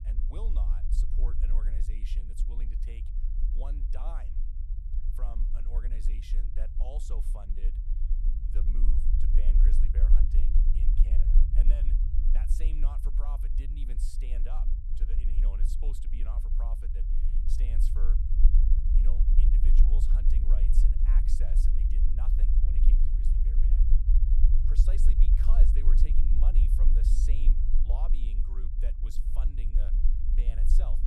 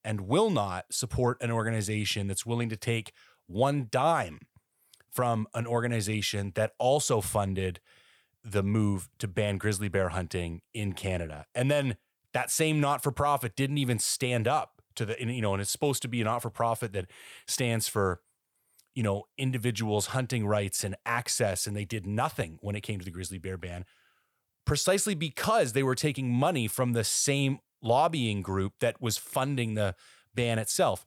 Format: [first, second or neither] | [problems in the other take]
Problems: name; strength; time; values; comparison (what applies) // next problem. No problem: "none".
second | low rumble; loud; throughout; as loud as the speech